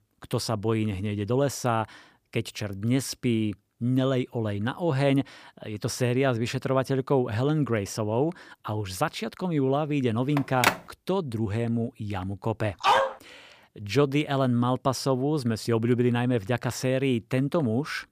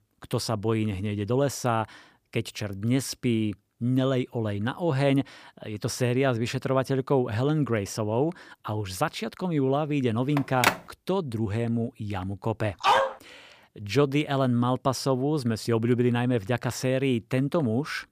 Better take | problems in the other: neither | phone ringing; loud; at 10 s; peak 2 dB above the speech; the same in both // dog barking; loud; at 13 s; peak 4 dB above the speech; the same in both

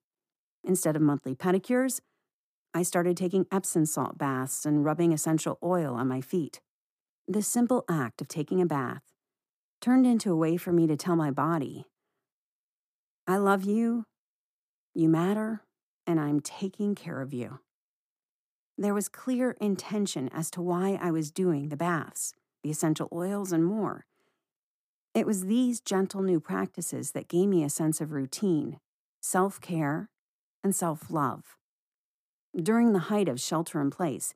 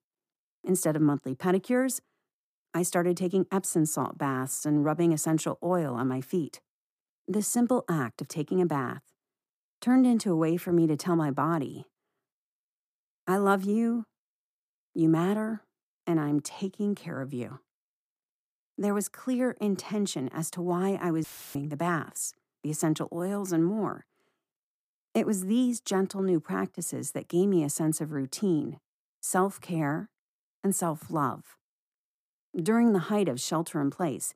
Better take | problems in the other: first | audio cutting out; filled with static; at 21 s

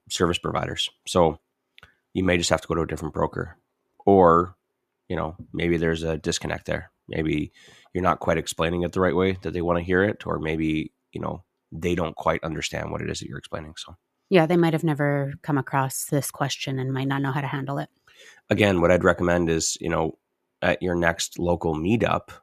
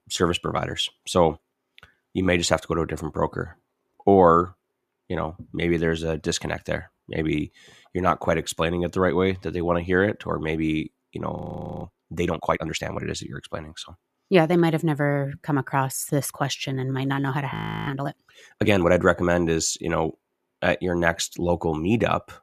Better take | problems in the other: first | audio freezing; at 11 s and at 18 s

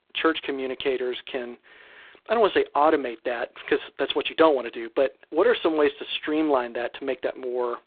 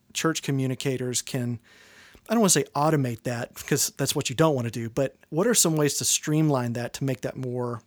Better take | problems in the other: second | phone-call audio; poor line

